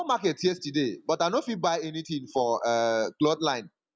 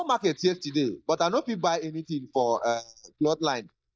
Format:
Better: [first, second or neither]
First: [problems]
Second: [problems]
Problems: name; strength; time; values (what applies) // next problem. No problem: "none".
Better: first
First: none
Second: noise reduction (neural mask model DeepFilterNet 3)